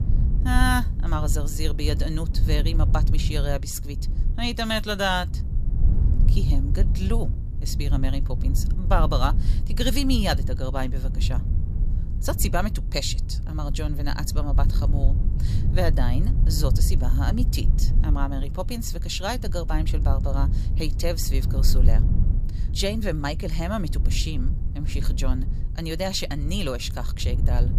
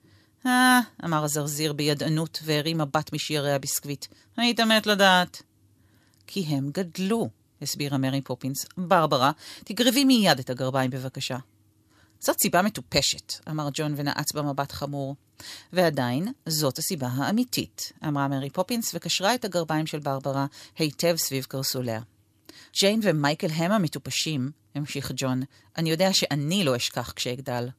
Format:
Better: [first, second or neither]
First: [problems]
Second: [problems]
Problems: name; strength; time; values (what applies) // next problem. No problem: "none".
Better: second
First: low rumble; noticeable; throughout; 10 dB below the speech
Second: none